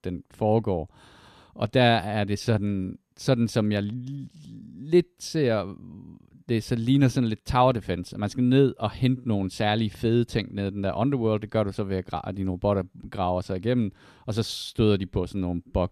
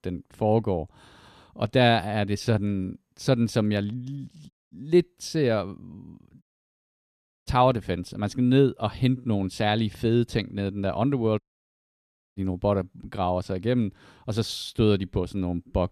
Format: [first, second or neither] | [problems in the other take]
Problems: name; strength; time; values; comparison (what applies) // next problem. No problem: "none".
first | audio cutting out; at 4.5 s, at 6.5 s for 1 s and at 11 s for 1 s